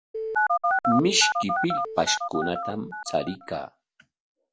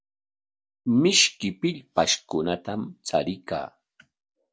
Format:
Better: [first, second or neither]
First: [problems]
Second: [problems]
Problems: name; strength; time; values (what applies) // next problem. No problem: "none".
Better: second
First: background sound (Telephone); 1 dB above the speech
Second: none